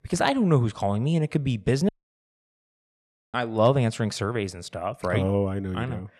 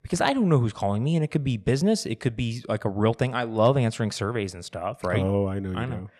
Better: second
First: audio cutting out; at 2 s for 1.5 s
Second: none

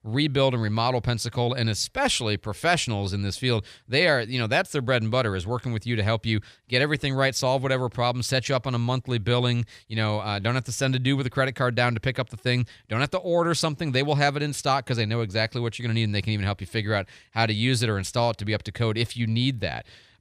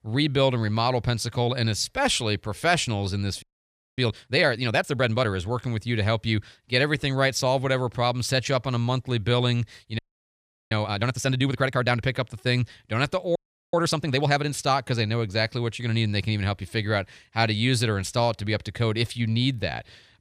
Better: first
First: none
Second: audio freezing; at 3.5 s for 0.5 s, at 10 s for 0.5 s and at 13 s

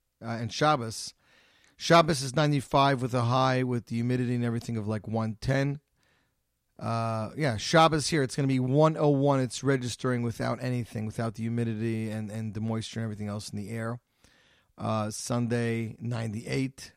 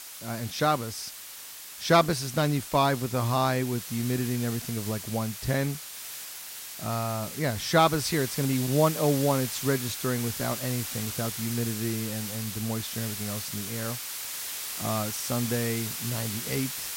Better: first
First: none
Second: hiss; loud; throughout; 6 dB below the speech

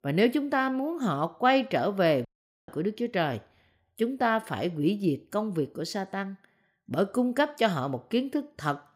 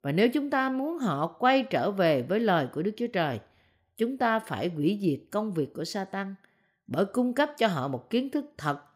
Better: second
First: audio cutting out; at 2.5 s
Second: none

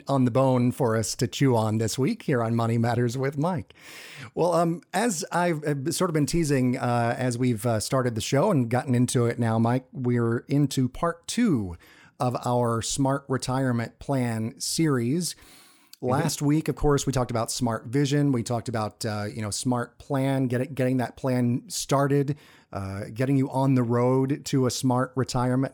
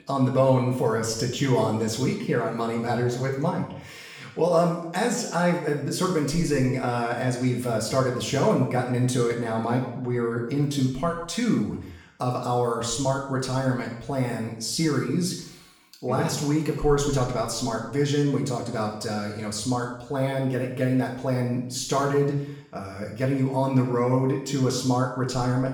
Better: first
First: none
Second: room echo; noticeable; dies away in 0.7 s // off-mic speech; far

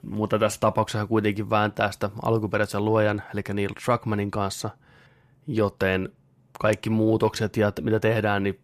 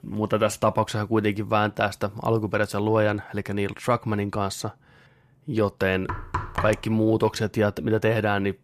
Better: first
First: none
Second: door banging; noticeable; at 6 s; peak 5 dB below the speech

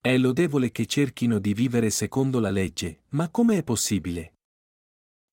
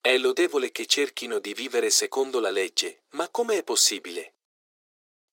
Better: first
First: none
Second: thin; very; fading below 350 Hz

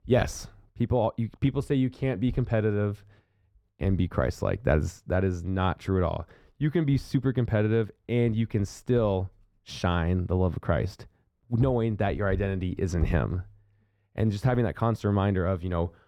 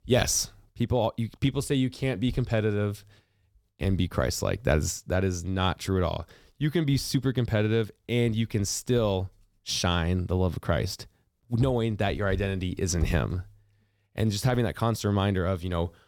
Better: second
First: muffled; slightly; fading above 3 kHz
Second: none

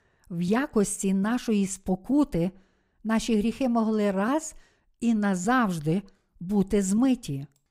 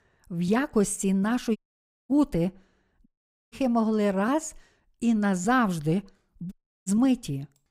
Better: first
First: none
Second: audio cutting out; at 1.5 s for 0.5 s, at 3 s and at 6.5 s

